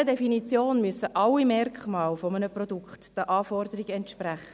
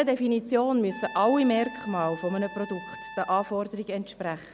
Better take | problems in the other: first | background sound (Trumpet); 15 dB below the speech

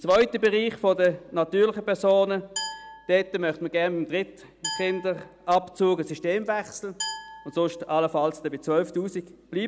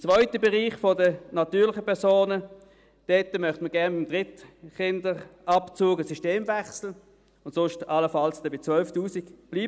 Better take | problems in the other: second | background sound (Glass); 14 dB below the speech

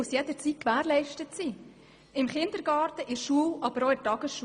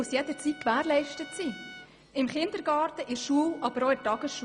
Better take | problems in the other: first | background sound (Trumpet); 19 dB below the speech

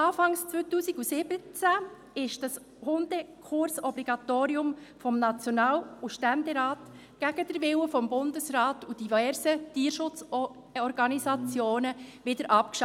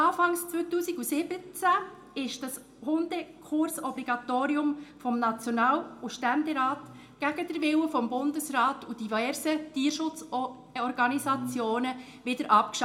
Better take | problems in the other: first | room echo; dies away in 0.4 s

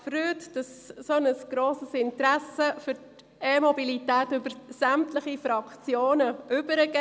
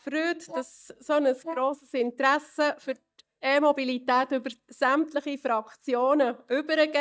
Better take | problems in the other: first | noise reduction (neural mask model DeepFilterNet 3)

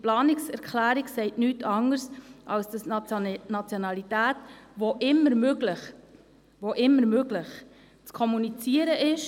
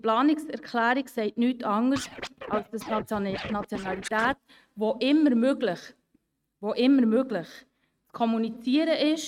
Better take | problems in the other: first | noise reduction (neural mask model RNNoise)

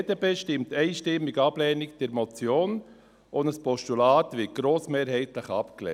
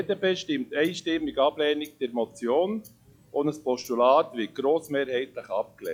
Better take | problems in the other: first | noise reduction (classical method log-MMSE)

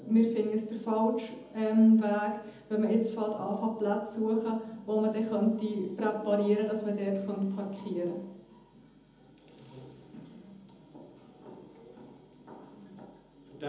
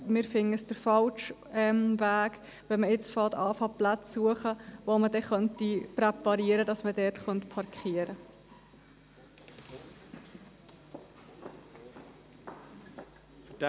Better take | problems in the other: second | room echo; dies away in 1 s

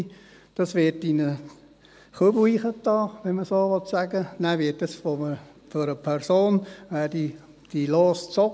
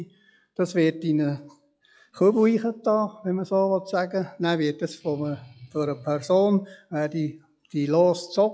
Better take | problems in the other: first | noise reduction (classical method log-MMSE)

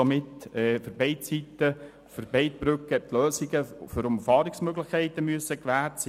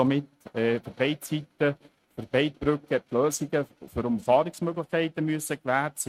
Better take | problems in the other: first | noise reduction (neural mask model RNNoise)

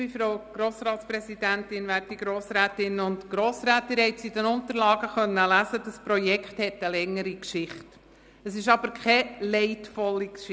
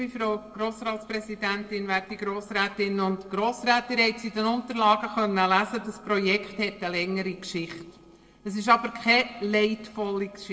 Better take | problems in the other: first | noise reduction (neural separator model SepFormer DNS4)

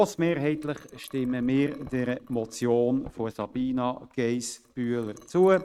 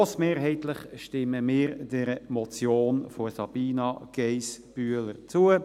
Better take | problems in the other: second | noise reduction (neural mask model RNNoise)

